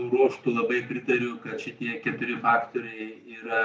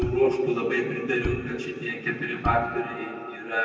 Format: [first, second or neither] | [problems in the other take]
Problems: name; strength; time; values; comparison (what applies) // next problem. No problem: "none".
first | background sound (Bowed string instrument); 10 dB below the speech // room echo; dies away in 2.3 s